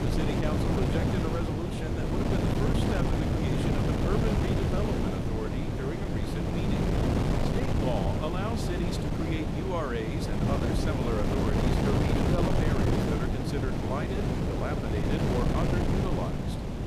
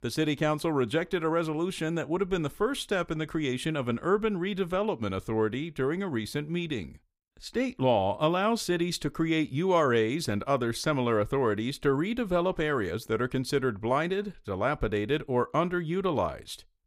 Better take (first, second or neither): second